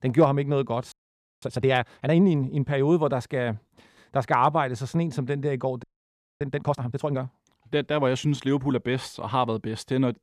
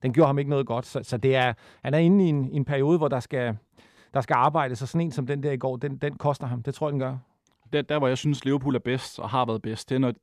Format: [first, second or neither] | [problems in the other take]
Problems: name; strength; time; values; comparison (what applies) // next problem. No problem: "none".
second | audio freezing; at 1 s and at 6 s for 0.5 s